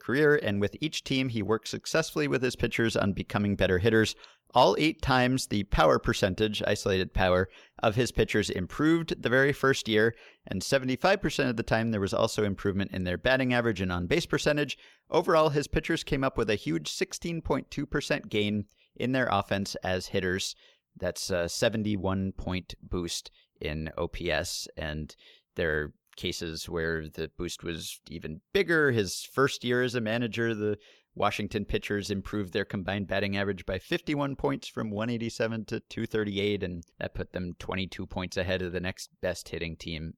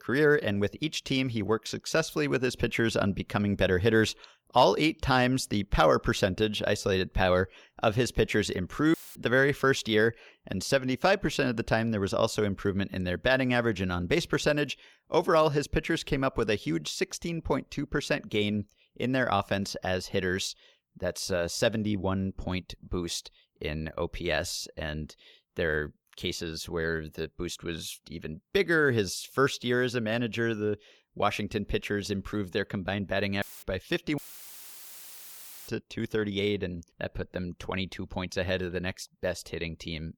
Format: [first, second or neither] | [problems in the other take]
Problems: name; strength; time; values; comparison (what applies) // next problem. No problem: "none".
first | audio cutting out; filled with static; at 9 s, at 33 s and at 34 s for 1.5 s